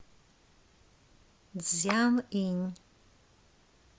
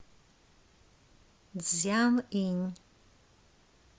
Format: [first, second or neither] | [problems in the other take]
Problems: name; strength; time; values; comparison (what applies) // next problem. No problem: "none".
second | background sound (Clapping); 10 dB below the speech